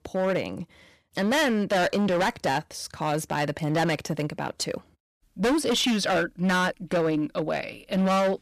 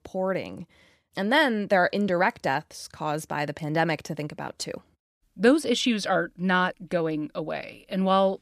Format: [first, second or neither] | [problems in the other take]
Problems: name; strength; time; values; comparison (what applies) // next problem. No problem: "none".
second | distortion; heavy; 15% of the sound clipped